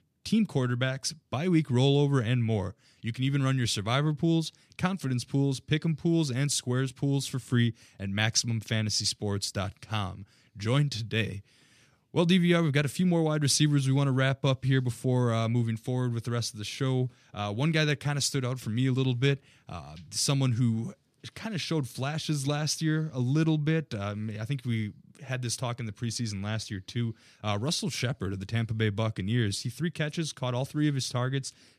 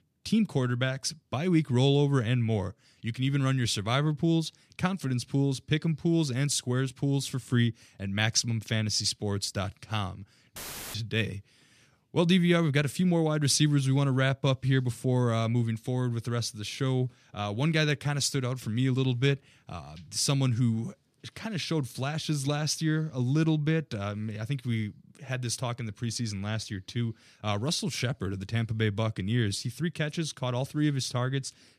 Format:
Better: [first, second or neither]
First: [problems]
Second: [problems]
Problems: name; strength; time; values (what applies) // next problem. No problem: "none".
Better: first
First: none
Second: audio cutting out; filled with static; at 11 s